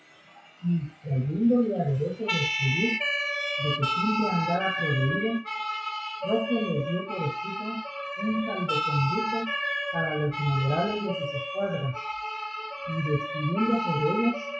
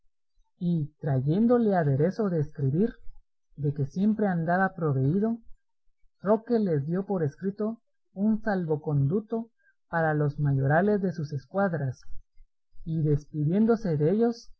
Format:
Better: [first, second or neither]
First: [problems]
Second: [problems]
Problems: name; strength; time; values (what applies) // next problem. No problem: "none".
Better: second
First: noise reduction (classical method WPE with log-MMSE)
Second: none